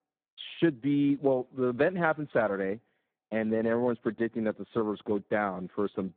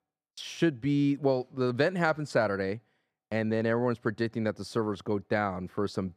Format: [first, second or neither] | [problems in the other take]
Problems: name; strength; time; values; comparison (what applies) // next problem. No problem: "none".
second | phone-call audio; poor line; nothing above 3.5 kHz